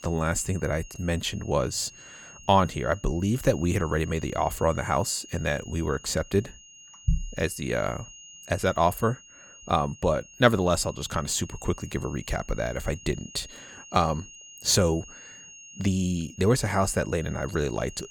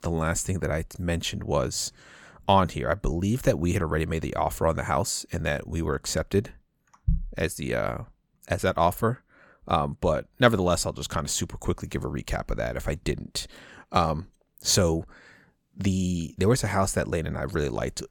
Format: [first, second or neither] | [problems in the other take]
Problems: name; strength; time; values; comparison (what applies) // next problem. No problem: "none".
second | high-pitched whine; noticeable; throughout; 3 kHz, 20 dB below the speech